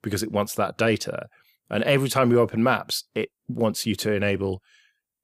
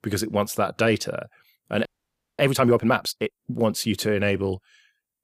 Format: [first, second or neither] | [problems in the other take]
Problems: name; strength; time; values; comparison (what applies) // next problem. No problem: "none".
first | audio freezing; at 2 s for 0.5 s